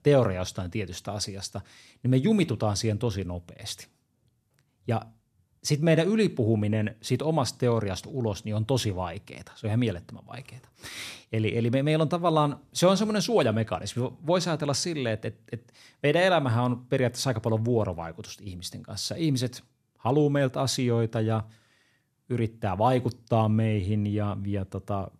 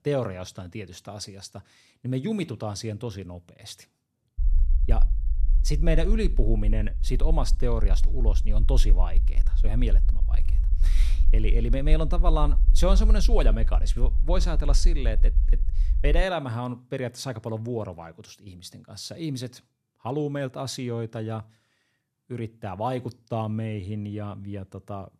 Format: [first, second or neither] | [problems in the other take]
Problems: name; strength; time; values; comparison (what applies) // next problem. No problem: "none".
first | low rumble; noticeable; from 4.5 to 16 s; 15 dB below the speech